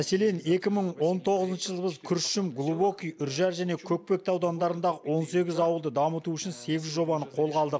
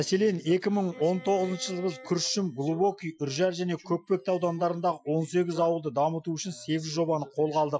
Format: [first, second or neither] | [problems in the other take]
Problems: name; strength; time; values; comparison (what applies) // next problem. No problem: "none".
first | noise reduction (classical method Wiener filter)